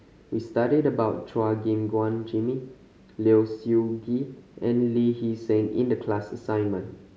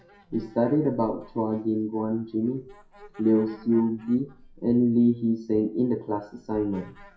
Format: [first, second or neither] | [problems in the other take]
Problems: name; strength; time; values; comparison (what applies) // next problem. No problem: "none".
first | noise reduction (classical method WPE with log-MMSE)